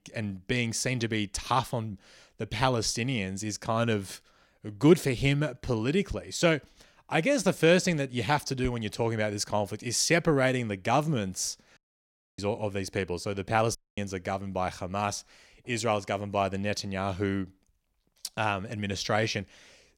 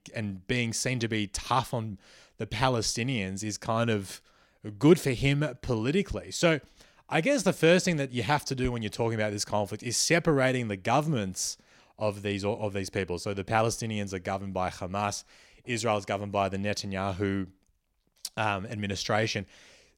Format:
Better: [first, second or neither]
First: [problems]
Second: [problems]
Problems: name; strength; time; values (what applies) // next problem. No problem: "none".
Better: second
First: audio cutting out; at 12 s for 0.5 s and at 14 s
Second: none